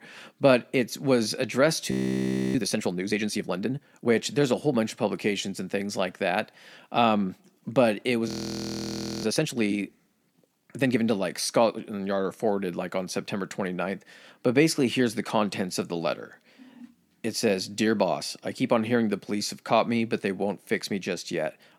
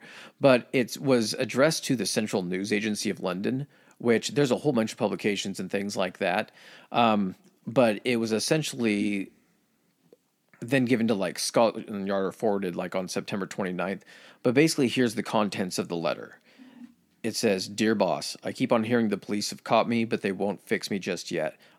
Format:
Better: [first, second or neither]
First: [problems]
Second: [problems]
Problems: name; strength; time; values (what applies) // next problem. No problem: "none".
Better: second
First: audio freezing; at 2 s for 0.5 s and at 8.5 s for 1 s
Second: none